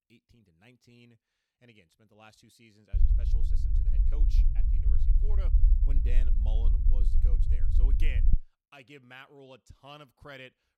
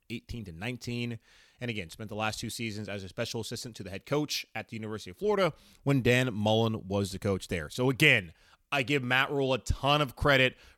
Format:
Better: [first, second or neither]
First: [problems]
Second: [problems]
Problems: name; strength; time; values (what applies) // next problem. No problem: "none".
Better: second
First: low rumble; loud; from 3 to 8.5 s; 2 dB below the speech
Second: none